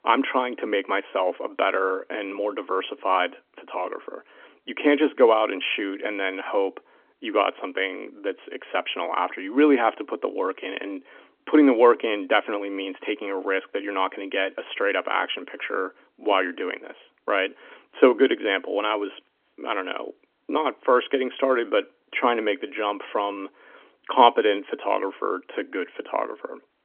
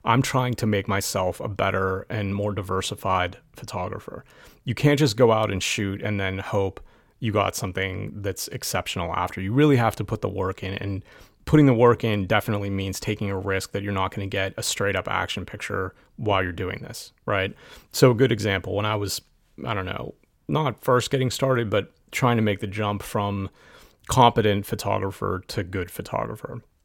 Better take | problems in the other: second | phone-call audio; nothing above 3.5 kHz

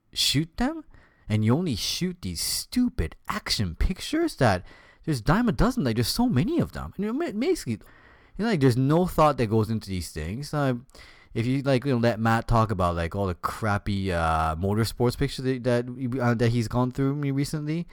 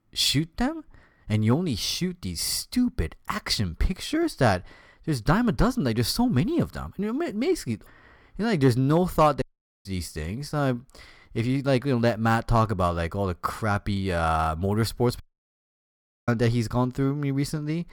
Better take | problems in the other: first | audio cutting out; at 9.5 s and at 15 s for 1 s

